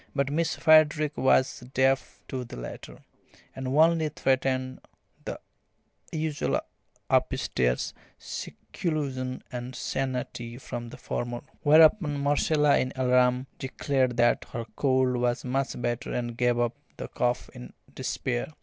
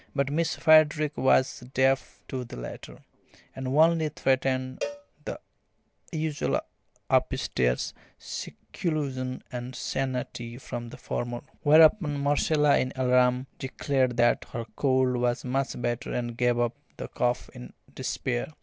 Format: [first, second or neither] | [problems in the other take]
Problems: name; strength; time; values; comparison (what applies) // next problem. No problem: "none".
first | background sound (Cowbell); 14 dB below the speech